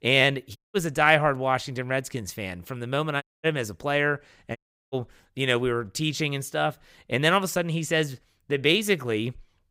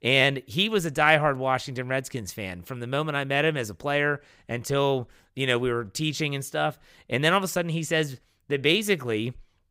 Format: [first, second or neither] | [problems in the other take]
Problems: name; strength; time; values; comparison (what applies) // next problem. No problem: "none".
second | audio cutting out; at 0.5 s, at 3 s and at 4.5 s